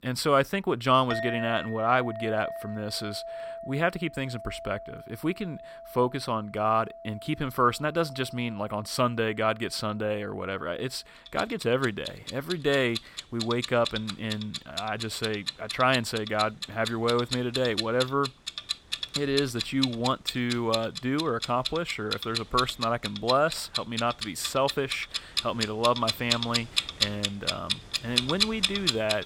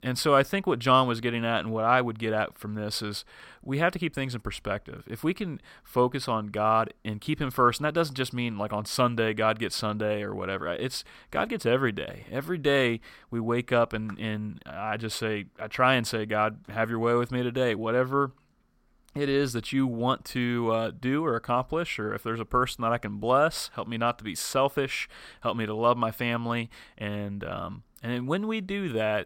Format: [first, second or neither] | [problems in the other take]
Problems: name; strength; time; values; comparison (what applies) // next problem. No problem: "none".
second | household noises; loud; throughout; 3 dB below the speech